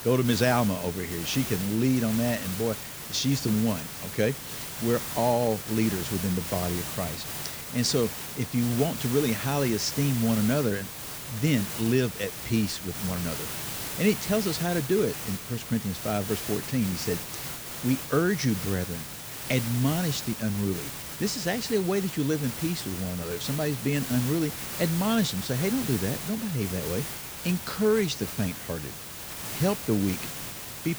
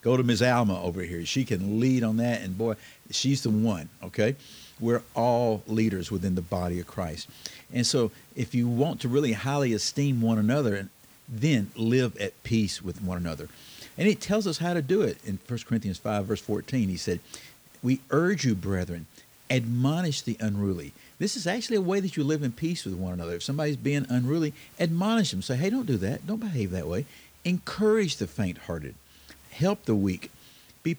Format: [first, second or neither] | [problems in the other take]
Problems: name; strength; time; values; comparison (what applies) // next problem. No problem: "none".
second | hiss; loud; throughout; 6 dB below the speech; faint in the second